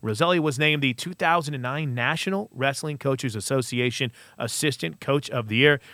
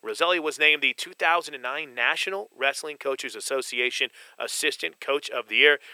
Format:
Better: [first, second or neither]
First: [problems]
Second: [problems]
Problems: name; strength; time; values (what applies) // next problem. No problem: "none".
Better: first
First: none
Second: thin; very; fading below 400 Hz